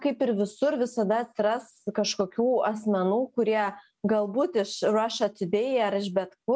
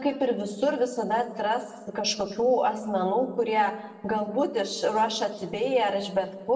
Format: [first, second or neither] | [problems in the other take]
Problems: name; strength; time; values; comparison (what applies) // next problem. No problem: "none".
first | room echo; dies away in 0.9 s